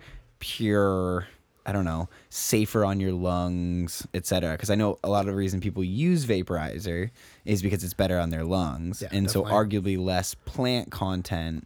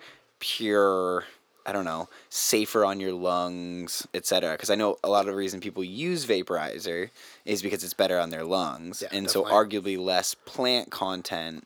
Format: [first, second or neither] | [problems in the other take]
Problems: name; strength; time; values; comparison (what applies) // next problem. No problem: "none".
first | thin; somewhat; fading below 400 Hz